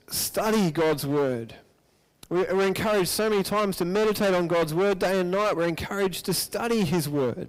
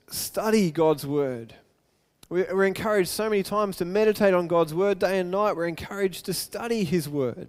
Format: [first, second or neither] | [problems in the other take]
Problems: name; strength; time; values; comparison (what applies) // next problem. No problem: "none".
second | distortion; heavy; 22% of the sound clipped